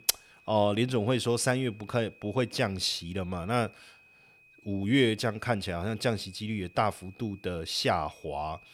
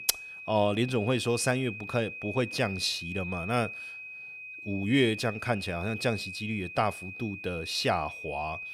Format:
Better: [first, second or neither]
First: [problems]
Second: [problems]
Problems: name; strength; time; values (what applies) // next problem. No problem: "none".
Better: first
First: high-pitched whine; faint; throughout; 2.5 kHz, 25 dB below the speech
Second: high-pitched whine; loud; throughout; 2.5 kHz, 9 dB below the speech